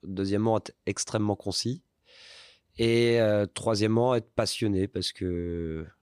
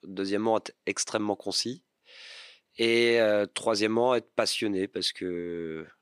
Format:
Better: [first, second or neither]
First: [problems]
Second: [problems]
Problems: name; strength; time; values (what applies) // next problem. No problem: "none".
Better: first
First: none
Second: thin; very slightly; fading below 250 Hz